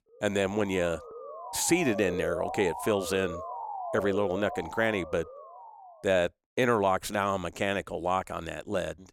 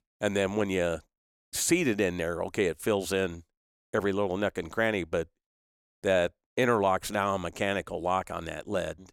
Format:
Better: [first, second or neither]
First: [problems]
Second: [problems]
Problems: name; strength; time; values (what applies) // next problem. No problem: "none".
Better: second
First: siren; noticeable; until 6 s; peak 5 dB below the speech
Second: none